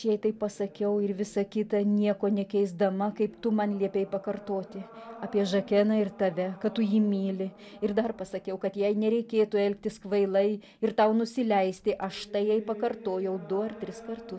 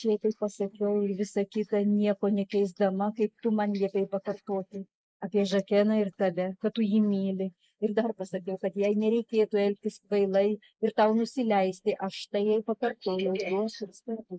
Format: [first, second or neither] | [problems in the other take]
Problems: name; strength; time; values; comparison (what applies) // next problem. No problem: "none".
first | noise reduction (neural mask model Resemble Enhance denoiser)